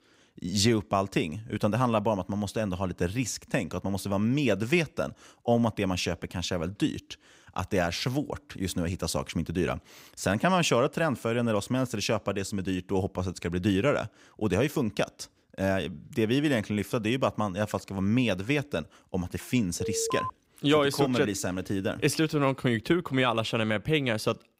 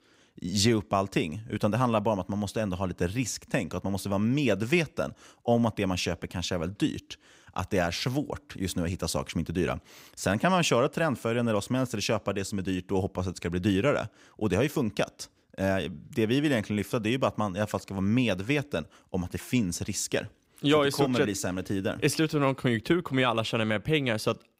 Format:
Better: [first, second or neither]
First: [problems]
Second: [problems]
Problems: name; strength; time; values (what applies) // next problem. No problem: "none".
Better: second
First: alarm; noticeable; at 20 s; peak 4 dB below the speech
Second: none